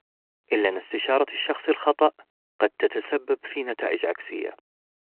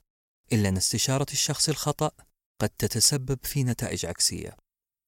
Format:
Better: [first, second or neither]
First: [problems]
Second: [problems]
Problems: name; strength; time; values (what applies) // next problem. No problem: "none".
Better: second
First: phone-call audio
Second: none